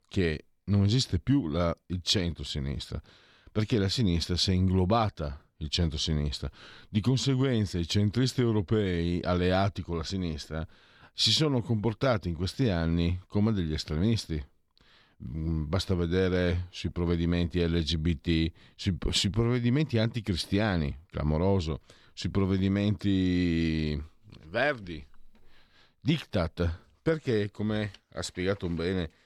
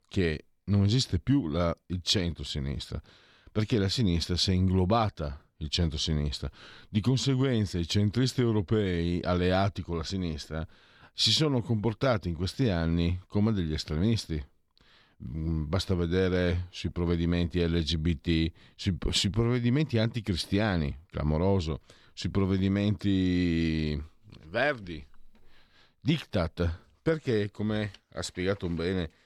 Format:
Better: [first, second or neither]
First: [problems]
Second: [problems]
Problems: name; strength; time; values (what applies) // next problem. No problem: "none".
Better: neither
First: none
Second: none